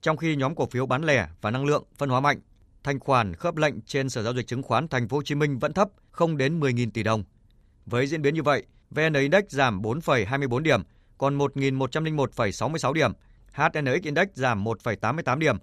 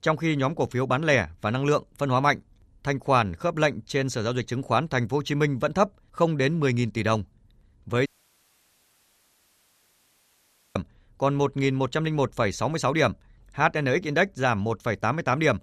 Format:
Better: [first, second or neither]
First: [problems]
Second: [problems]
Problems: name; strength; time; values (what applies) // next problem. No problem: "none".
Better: first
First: none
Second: audio cutting out; at 8 s for 2.5 s